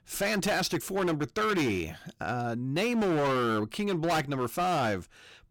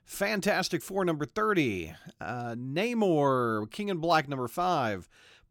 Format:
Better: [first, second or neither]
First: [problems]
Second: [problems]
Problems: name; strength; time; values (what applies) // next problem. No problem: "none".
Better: second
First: distortion; heavy; 18% of the sound clipped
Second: none